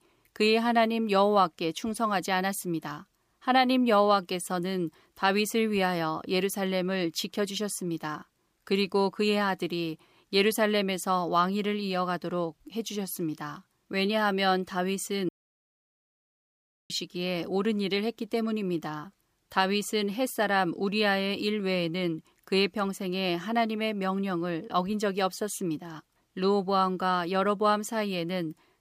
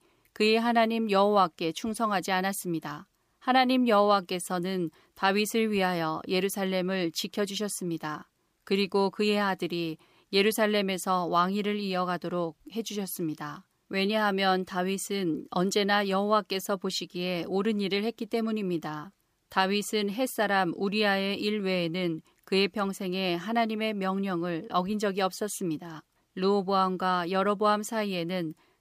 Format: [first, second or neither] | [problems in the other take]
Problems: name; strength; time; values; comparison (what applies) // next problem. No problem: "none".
second | audio cutting out; at 15 s for 1.5 s